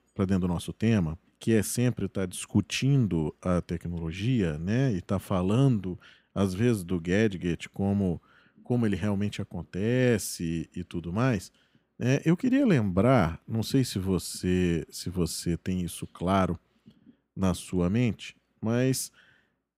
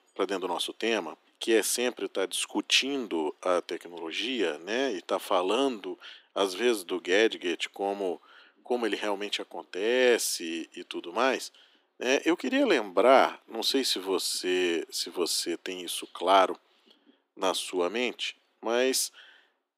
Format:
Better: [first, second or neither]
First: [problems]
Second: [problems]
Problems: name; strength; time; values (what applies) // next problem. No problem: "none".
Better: first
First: none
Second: thin; very; fading below 300 Hz